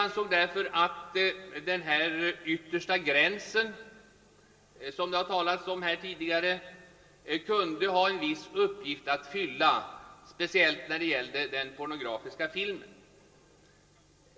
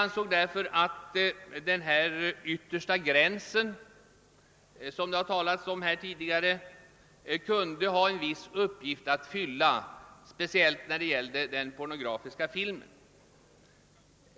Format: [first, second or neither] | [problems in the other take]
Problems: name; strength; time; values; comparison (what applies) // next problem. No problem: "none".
second | room echo; dies away in 1.4 s